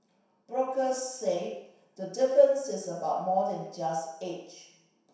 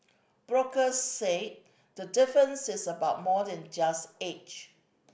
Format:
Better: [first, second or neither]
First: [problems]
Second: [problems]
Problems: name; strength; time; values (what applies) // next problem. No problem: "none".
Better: second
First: room echo; dies away in 0.7 s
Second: none